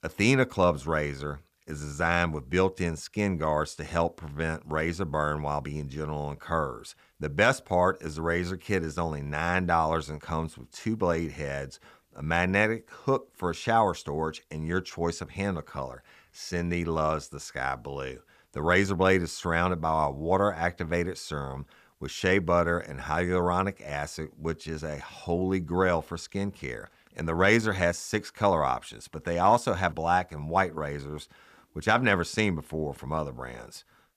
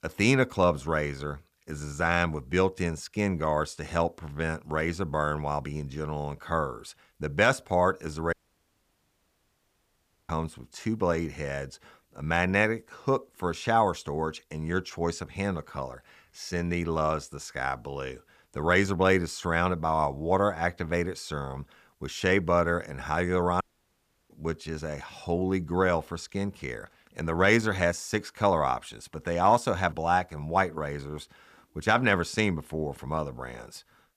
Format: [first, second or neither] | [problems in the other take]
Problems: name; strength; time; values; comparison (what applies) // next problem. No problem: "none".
first | audio cutting out; at 8.5 s for 2 s and at 24 s for 0.5 s